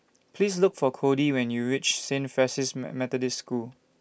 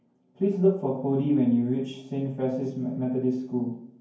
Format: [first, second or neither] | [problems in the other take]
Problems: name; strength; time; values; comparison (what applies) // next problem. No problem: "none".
first | room echo; dies away in 0.9 s